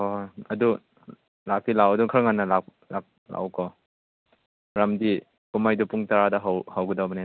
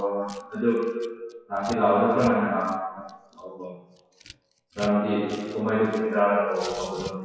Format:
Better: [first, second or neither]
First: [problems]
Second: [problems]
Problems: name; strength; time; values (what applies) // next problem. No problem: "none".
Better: first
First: none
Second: noise reduction (classical method WPE with log-MMSE)